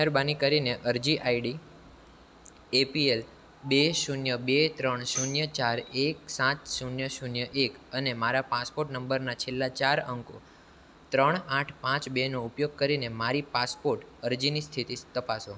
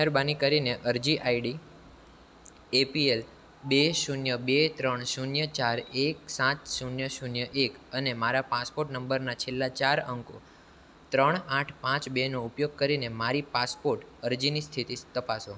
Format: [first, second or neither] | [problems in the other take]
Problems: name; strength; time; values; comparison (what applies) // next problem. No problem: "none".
second | background sound (Tambourine); 11 dB below the speech